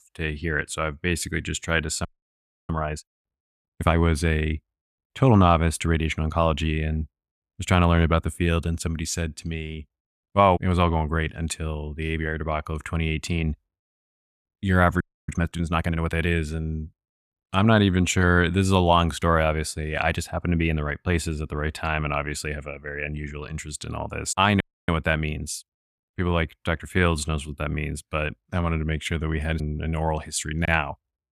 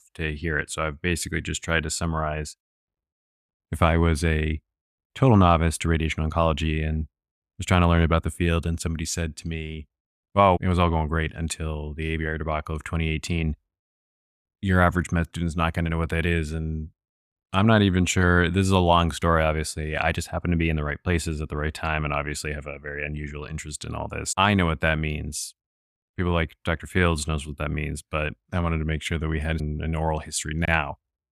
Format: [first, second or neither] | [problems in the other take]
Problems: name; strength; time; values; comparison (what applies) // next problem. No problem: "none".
second | audio freezing; at 2 s for 0.5 s, at 15 s and at 25 s